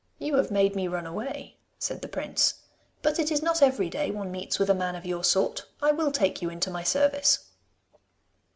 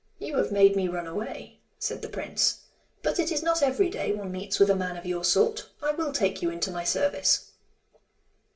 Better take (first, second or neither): first